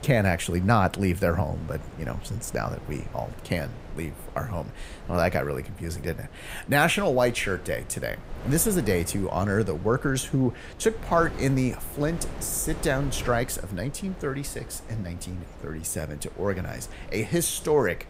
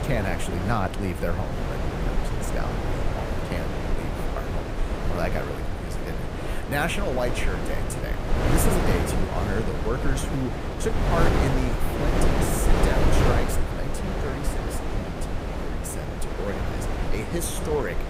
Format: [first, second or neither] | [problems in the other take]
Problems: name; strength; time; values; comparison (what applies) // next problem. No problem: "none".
first | wind noise on the microphone; heavy; 1 dB above the speech; occasional gusts in the first